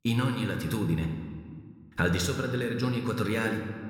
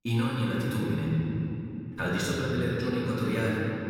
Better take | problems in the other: first | room echo; strong; dies away in 3 s; slight in the first // off-mic speech; far

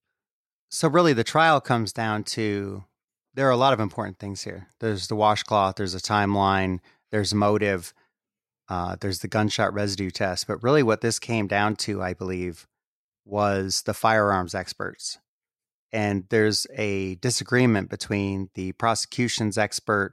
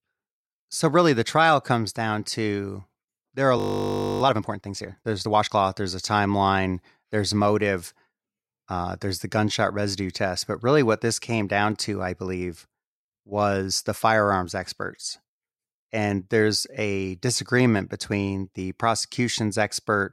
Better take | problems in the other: first | audio freezing; at 3.5 s for 0.5 s

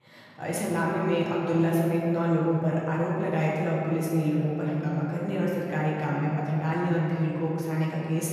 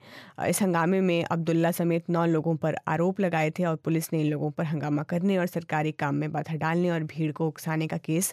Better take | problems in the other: second | room echo; strong; dies away in 2.7 s // off-mic speech; far

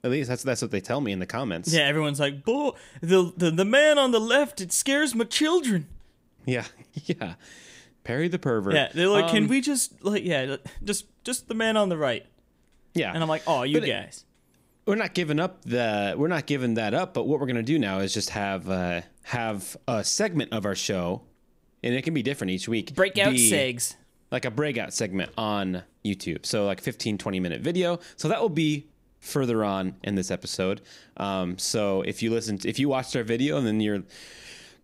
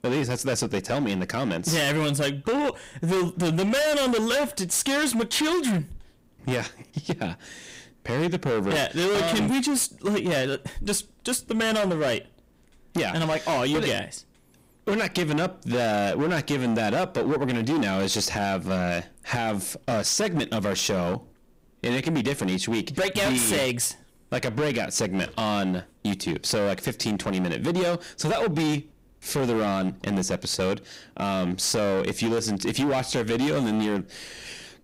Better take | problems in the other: first | distortion; heavy; 21% of the sound clipped

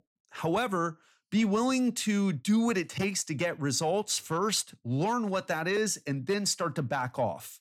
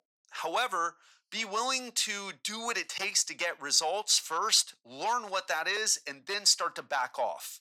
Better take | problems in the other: first | thin; very; fading below 800 Hz

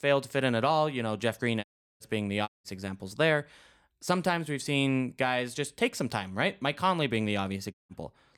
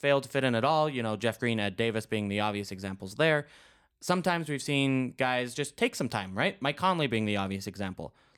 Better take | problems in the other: second | audio cutting out; at 1.5 s, at 2.5 s and at 7.5 s

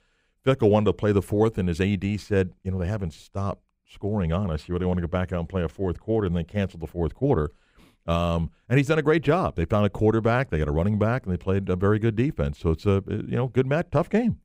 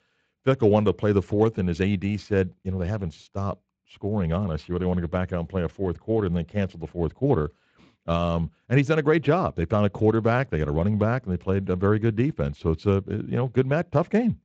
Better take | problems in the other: first | garbled, watery; slightly

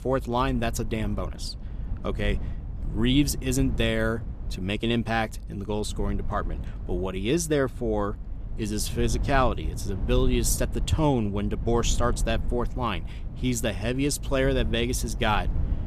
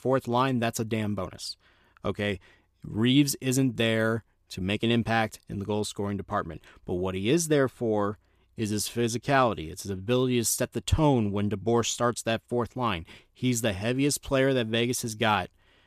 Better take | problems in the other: second | low rumble; noticeable; throughout; 20 dB below the speech

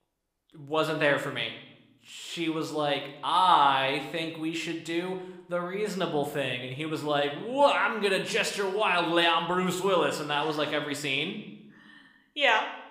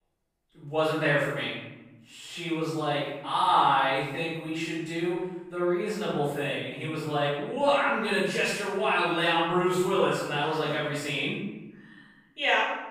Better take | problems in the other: first | room echo; strong; dies away in 1.1 s; slight in the first // off-mic speech; far

